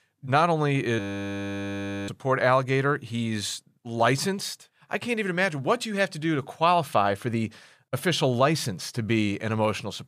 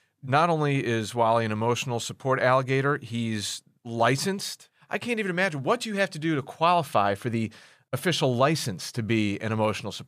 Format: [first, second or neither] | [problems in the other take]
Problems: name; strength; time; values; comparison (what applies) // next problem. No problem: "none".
second | audio freezing; at 1 s for 1 s